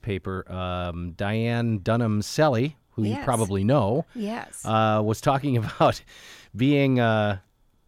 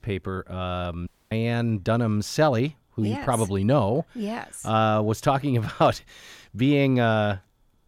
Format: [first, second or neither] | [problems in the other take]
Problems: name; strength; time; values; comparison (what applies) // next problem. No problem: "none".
first | audio cutting out; at 1 s